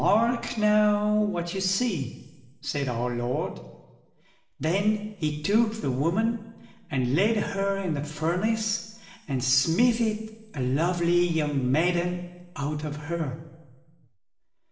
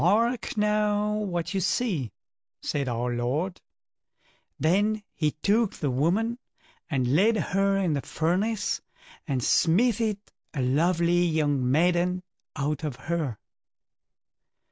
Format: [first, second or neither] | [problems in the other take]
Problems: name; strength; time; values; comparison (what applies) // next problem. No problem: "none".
second | room echo; dies away in 1.1 s